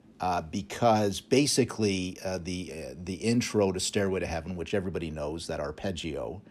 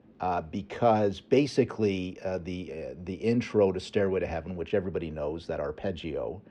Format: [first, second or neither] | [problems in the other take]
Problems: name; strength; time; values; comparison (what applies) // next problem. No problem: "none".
first | muffled; slightly; fading above 3 kHz